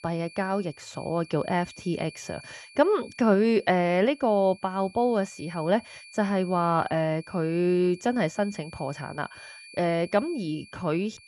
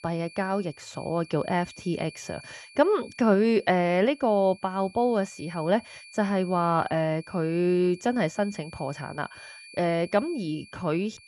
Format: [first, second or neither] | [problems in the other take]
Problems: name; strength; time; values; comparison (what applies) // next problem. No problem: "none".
neither | high-pitched whine; faint; throughout; 2.5 kHz, 20 dB below the speech; the same in both